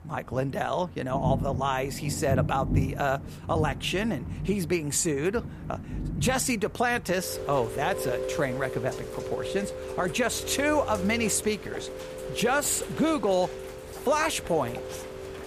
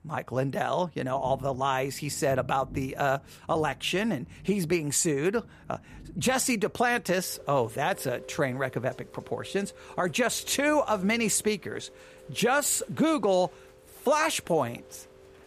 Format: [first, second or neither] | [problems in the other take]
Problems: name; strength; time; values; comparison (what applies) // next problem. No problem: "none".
second | rain or running water; loud; throughout; 7 dB below the speech; faint in the second